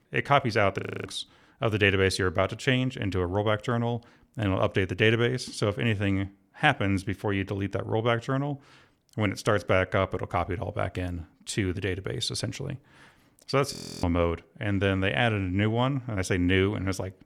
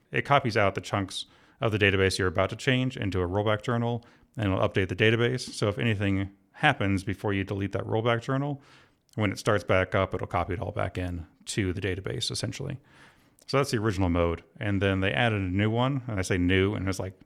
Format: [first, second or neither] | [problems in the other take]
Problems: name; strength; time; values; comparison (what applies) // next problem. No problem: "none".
second | audio freezing; at 1 s and at 14 s